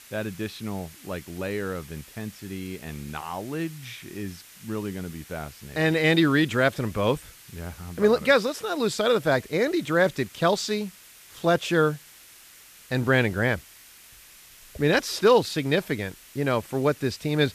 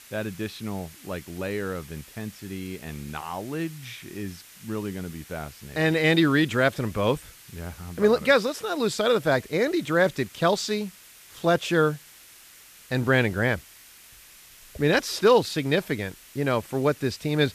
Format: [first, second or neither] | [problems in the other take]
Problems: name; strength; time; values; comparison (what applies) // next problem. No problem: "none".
neither | hiss; faint; throughout; 20 dB below the speech; the same in both